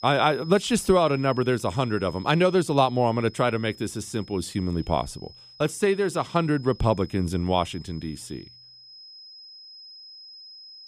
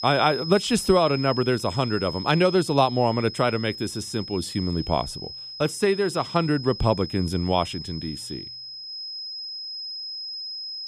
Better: first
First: high-pitched whine; faint; throughout; 5 kHz, 20 dB below the speech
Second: high-pitched whine; loud; throughout; 5 kHz, 10 dB below the speech

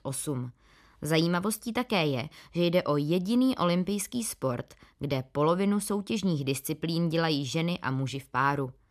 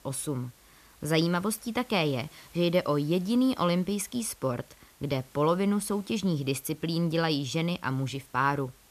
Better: first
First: none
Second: hiss; faint; throughout; 25 dB below the speech

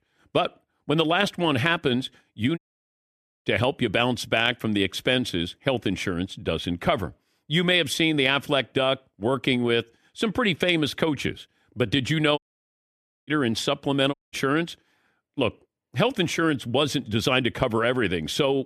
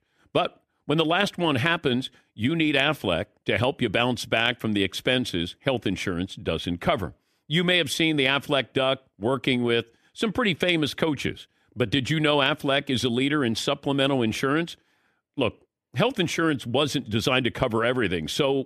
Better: second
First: audio cutting out; at 2.5 s for 1 s, at 12 s for 1 s and at 14 s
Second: none

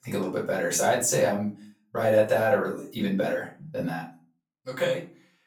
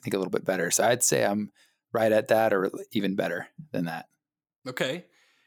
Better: second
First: room echo; slight; dies away in 0.3 s // off-mic speech; far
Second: none

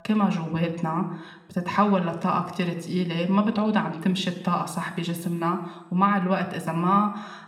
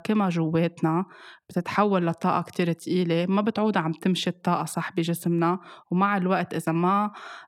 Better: second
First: room echo; slight; dies away in 1 s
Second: none

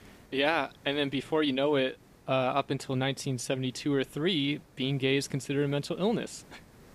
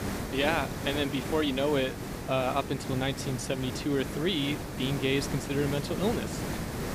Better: first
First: hiss; faint; throughout; 25 dB below the speech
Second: hiss; loud; throughout; 5 dB below the speech

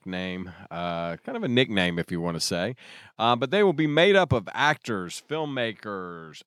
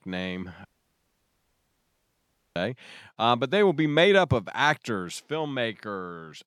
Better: first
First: none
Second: audio cutting out; at 0.5 s for 2 s

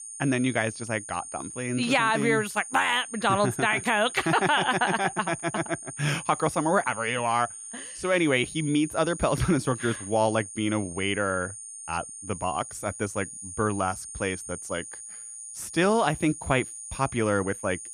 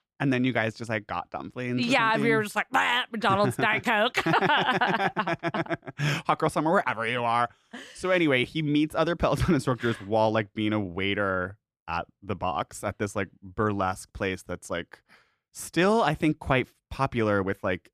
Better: second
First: high-pitched whine; noticeable; throughout; 9 kHz, 10 dB below the speech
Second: none

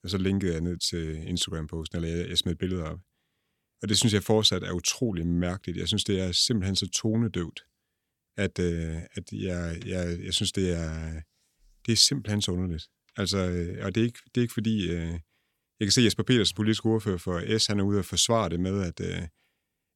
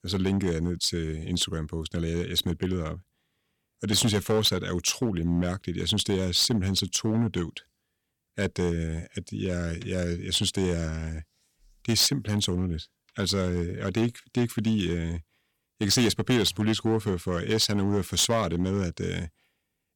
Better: first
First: none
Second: distortion; slight; 4% of the sound clipped

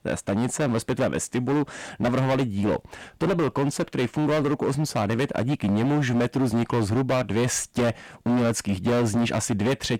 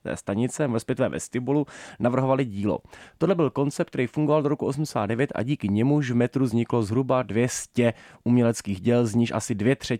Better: second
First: distortion; heavy; 20% of the sound clipped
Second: none

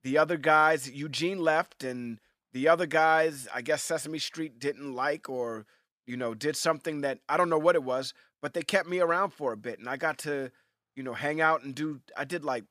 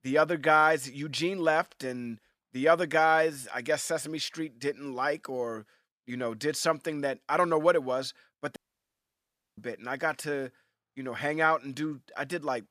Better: first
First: none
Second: audio cutting out; at 8.5 s for 1 s

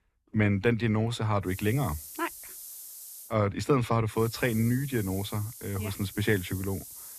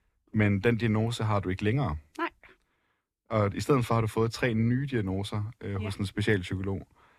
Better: second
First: hiss; noticeable; from 1.5 to 3.5 s and from 4 s on; 15 dB below the speech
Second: none

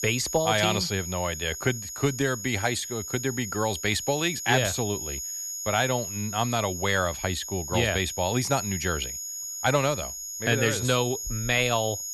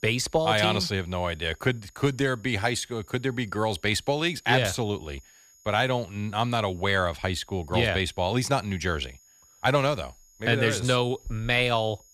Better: second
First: high-pitched whine; loud; throughout; 6.5 kHz, 6 dB below the speech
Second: high-pitched whine; faint; throughout; 6.5 kHz, 30 dB below the speech

